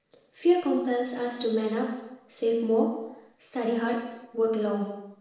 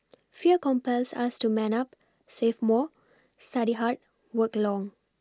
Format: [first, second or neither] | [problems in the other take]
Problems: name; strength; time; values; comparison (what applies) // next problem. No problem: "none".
second | room echo; dies away in 0.9 s